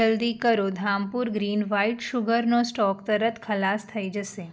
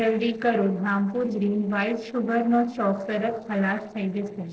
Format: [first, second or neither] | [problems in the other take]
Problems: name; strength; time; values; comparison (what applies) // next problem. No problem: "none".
first | noise reduction (neural separator model SepFormer DNS4)